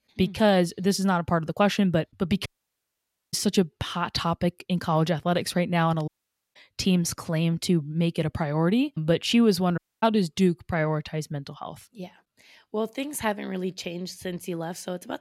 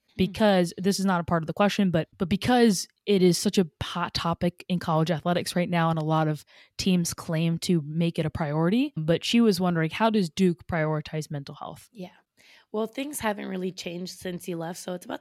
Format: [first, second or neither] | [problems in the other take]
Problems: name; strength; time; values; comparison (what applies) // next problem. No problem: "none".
second | audio cutting out; at 2.5 s for 1 s, at 6 s and at 10 s